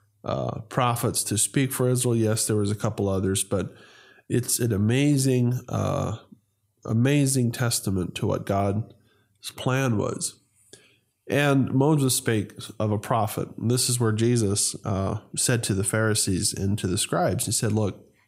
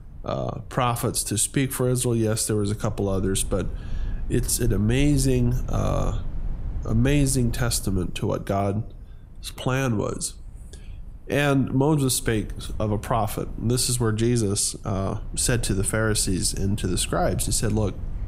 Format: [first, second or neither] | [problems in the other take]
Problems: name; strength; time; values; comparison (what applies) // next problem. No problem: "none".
first | wind noise on the microphone; occasional gusts; 25 dB below the speech